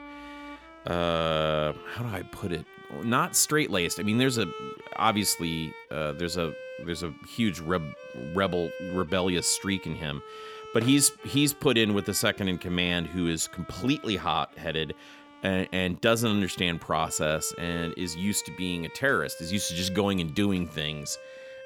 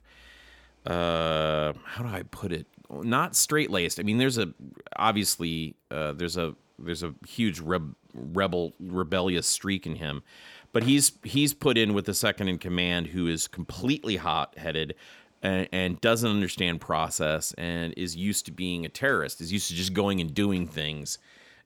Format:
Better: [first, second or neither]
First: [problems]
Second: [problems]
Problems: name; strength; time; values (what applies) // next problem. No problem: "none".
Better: second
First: background music; noticeable; throughout; 15 dB below the speech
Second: none